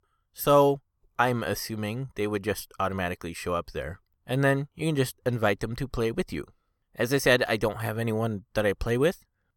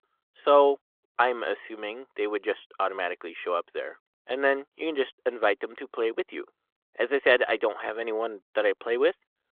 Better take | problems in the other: first | phone-call audio; nothing above 3.5 kHz

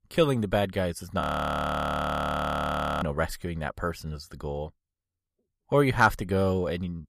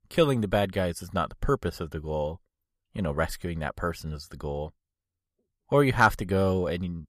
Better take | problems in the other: second | audio freezing; at 1 s for 2 s

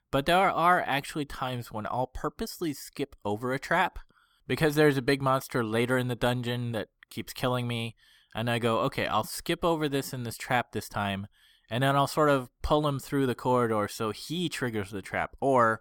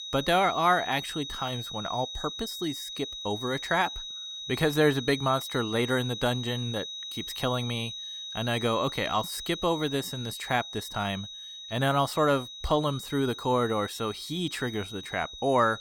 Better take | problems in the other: first | high-pitched whine; loud; throughout; 4 kHz, 8 dB below the speech

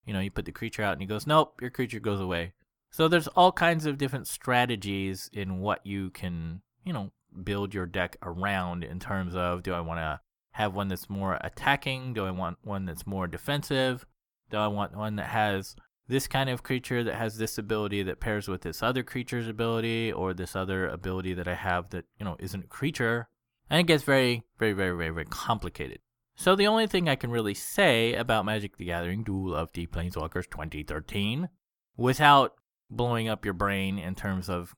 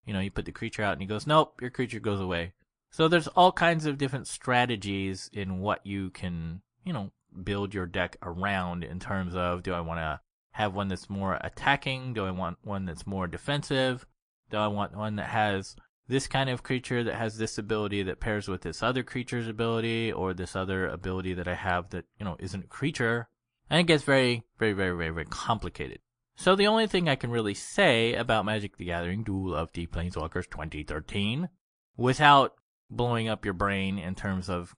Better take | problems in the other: first | garbled, watery; slightly; nothing above 10 kHz

